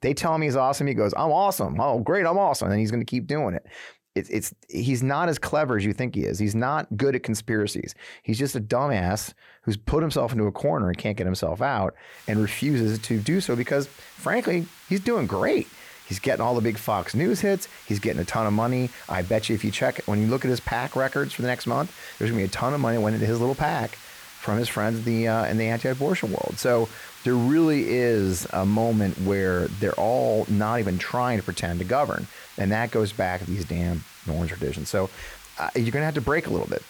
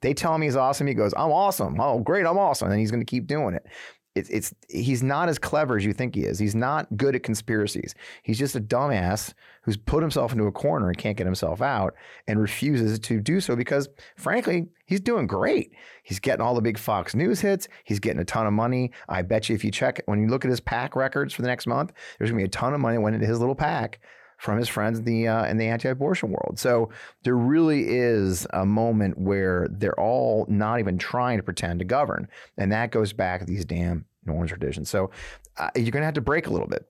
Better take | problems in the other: second | hiss; noticeable; from 12 s on; 20 dB below the speech

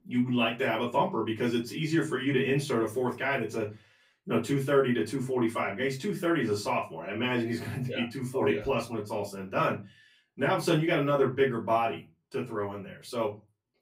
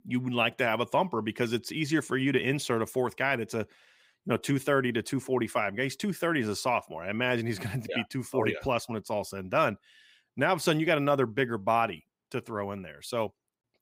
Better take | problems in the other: second | off-mic speech; far // room echo; very slight; dies away in 0.2 s

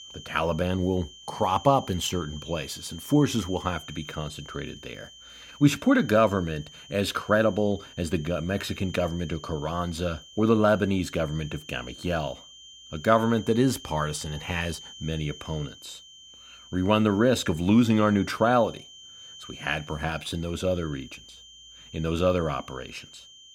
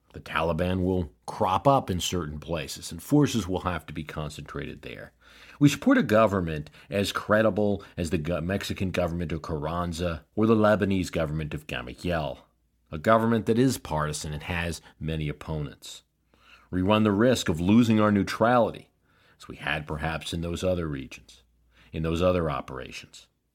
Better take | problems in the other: second | high-pitched whine; noticeable; throughout; 3 kHz, 20 dB below the speech

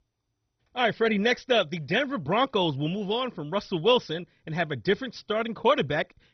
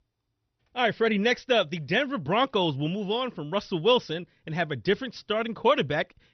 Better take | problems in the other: second | garbled, watery; badly; nothing above 6 kHz; slightly in the second

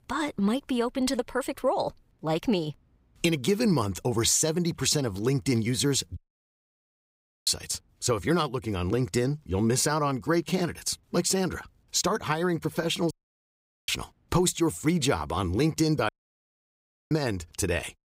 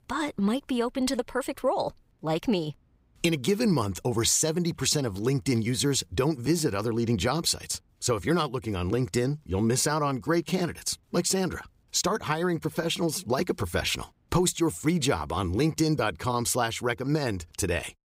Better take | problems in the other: second | audio cutting out; at 6 s for 1.5 s, at 13 s for 1 s and at 16 s for 1 s

